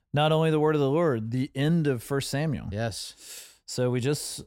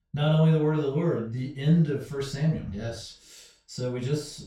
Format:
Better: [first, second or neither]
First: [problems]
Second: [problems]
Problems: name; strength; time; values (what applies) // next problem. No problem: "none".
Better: first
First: none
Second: room echo; noticeable; dies away in 0.3 s // off-mic speech; far